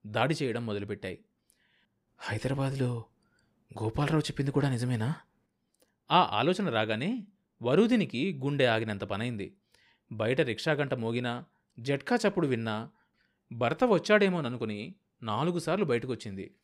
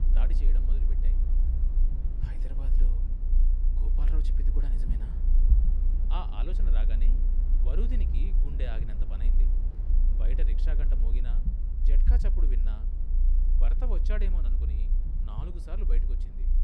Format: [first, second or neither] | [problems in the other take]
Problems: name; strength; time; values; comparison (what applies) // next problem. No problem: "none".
first | low rumble; loud; throughout; 4 dB below the speech